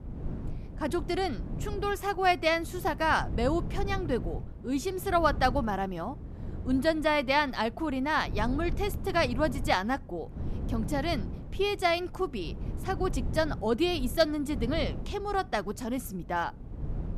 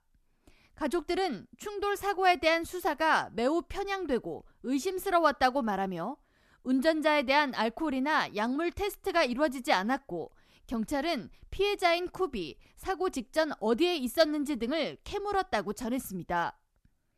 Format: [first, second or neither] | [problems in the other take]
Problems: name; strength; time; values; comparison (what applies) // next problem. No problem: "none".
second | wind noise on the microphone; occasional gusts; 20 dB below the speech